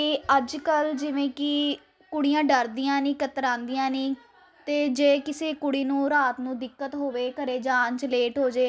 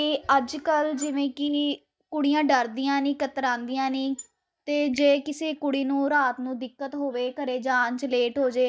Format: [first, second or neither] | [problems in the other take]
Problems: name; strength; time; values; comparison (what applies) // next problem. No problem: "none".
first | noise reduction (neural mask model DeepFilterNet 3)